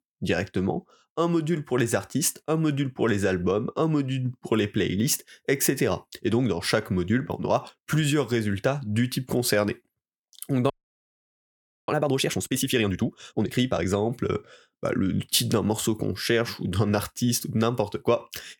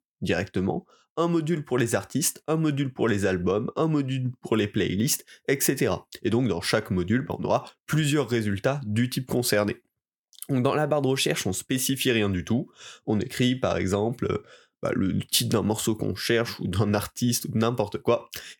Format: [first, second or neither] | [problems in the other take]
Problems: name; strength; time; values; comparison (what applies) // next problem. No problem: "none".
second | audio freezing; at 11 s for 1 s